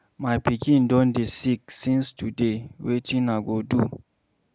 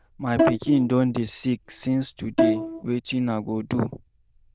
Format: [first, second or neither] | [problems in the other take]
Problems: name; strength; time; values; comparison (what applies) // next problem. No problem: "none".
first | noise reduction (neural diffusion model UNIVERSE++)